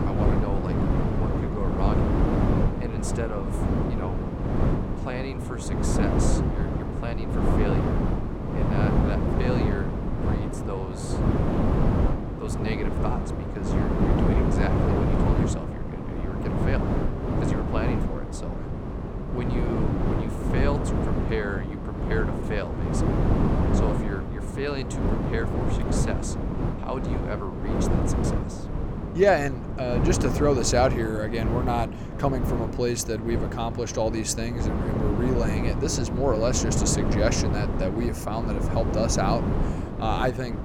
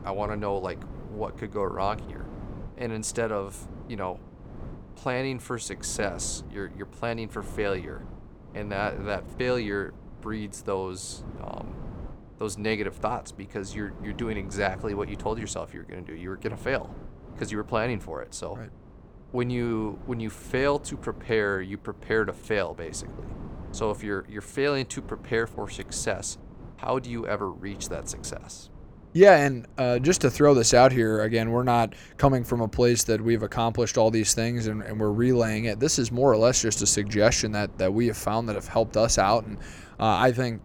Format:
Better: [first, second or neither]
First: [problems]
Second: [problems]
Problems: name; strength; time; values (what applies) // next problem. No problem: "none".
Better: second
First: wind noise on the microphone; heavy; 2 dB below the speech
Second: wind noise on the microphone; occasional gusts; 25 dB below the speech